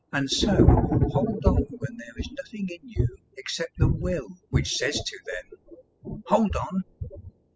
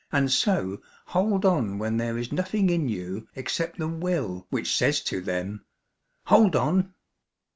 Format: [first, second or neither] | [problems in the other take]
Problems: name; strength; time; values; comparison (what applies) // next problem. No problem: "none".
second | noise reduction (classical method spectral subtraction)